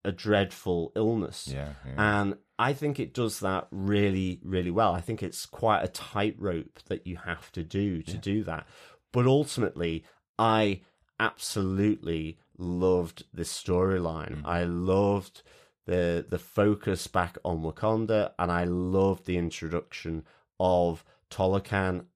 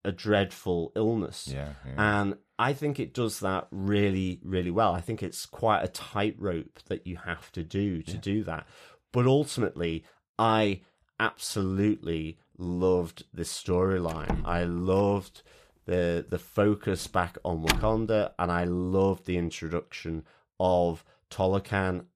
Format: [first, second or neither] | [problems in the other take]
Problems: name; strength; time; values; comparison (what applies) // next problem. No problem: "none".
first | door banging; loud; from 14 to 18 s; peak 1 dB above the speech